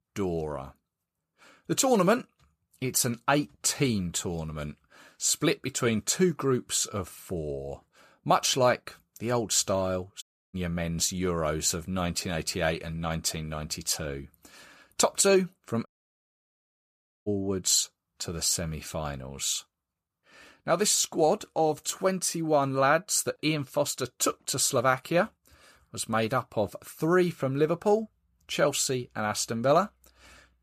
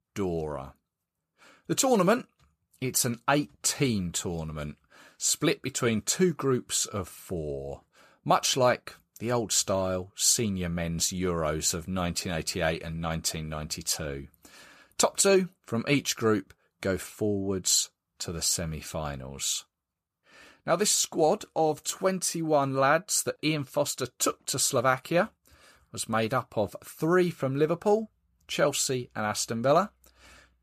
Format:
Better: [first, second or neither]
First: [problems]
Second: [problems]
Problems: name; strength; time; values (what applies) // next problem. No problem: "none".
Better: second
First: audio cutting out; at 10 s and at 16 s for 1.5 s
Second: none